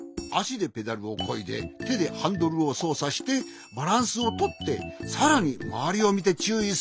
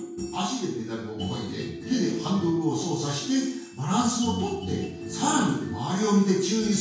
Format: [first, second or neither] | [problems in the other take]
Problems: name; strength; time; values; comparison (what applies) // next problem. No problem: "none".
first | room echo; dies away in 0.6 s